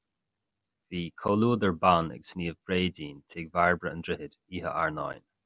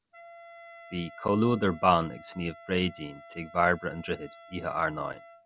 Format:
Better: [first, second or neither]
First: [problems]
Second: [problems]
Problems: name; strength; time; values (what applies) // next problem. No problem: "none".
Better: first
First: none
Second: background sound (Wind instrument, woodwind instrument); 20 dB below the speech